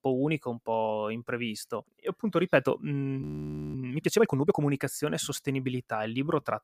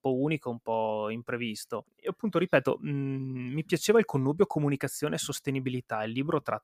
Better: second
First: audio freezing; at 3 s for 0.5 s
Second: none

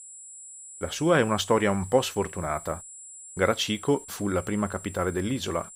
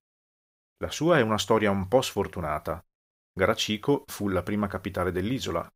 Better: second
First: high-pitched whine; noticeable; throughout; 7.5 kHz, 15 dB below the speech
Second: none

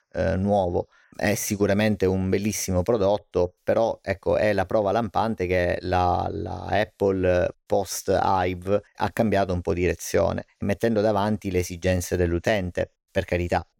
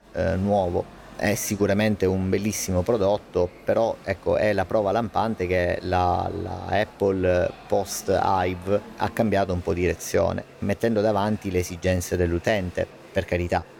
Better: first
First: none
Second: crowd noise; faint; throughout; 20 dB below the speech

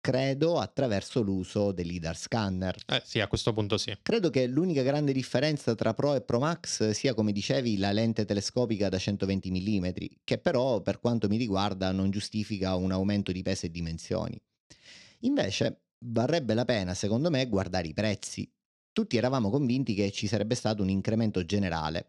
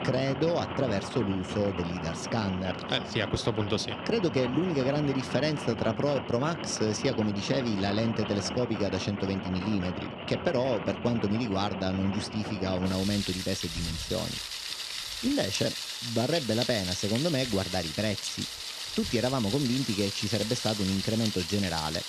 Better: first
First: none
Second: rain or running water; loud; throughout; 5 dB below the speech

